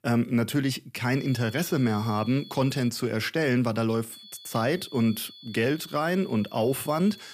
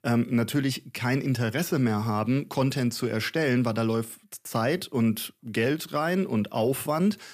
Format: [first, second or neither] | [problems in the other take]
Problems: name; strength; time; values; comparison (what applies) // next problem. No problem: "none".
second | high-pitched whine; noticeable; from 1 to 3 s and from 4 s on; 3.5 kHz, 20 dB below the speech